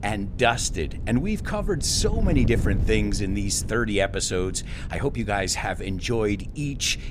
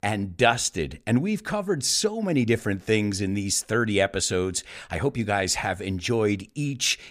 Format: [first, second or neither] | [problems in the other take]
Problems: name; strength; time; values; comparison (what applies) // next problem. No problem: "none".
second | wind noise on the microphone; occasional gusts; 15 dB below the speech